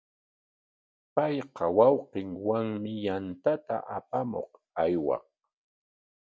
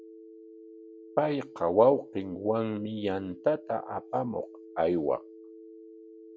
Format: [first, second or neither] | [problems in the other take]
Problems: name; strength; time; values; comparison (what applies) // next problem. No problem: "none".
first | background sound (Telephone); 18 dB below the speech